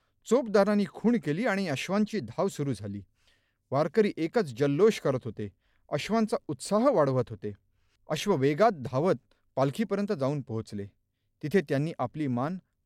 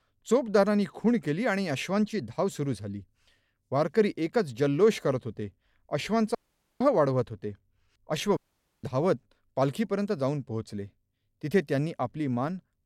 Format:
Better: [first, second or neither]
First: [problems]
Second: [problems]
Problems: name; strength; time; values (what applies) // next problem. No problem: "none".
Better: first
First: none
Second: audio cutting out; at 6.5 s and at 8.5 s